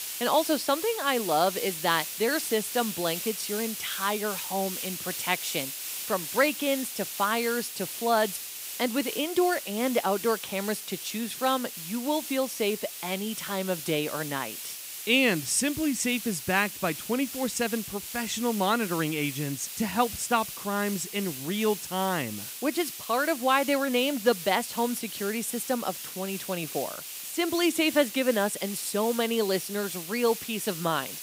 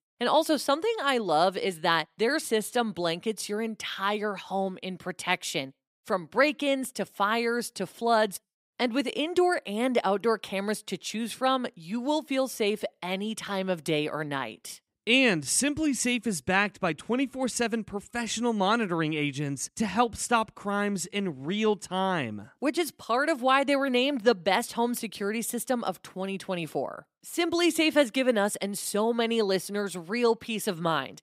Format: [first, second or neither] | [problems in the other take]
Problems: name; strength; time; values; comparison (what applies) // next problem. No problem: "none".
second | hiss; loud; throughout; 7 dB below the speech